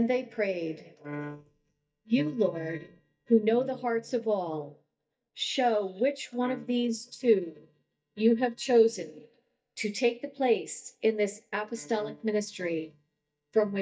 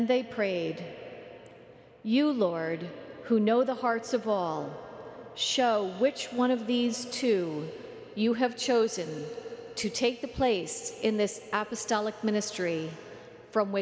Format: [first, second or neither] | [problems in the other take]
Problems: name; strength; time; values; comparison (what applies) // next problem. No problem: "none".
second | noise reduction (neural mask model DeepFilterNet 3)